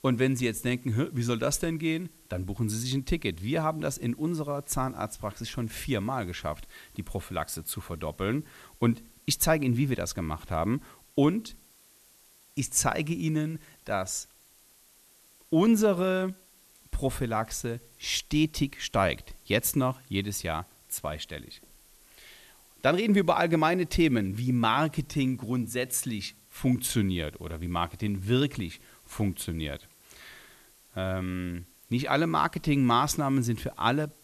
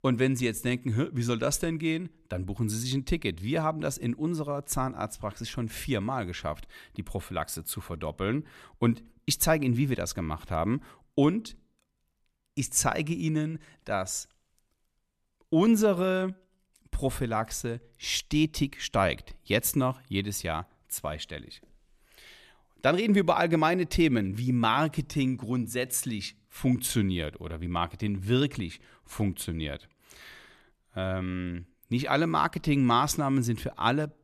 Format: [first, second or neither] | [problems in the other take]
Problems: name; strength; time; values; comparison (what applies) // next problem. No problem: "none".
second | hiss; faint; throughout; 25 dB below the speech